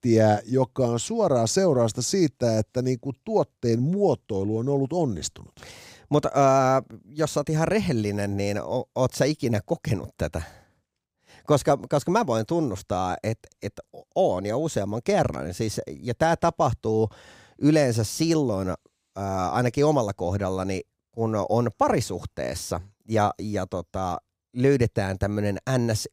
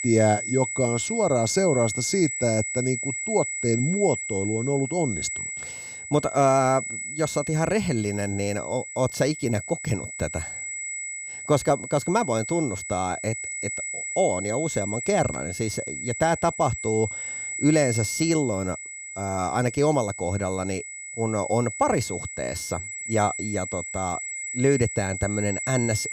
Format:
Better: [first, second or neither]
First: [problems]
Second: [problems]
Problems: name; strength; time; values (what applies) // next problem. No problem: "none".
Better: first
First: none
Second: high-pitched whine; loud; throughout; 2 kHz, 6 dB below the speech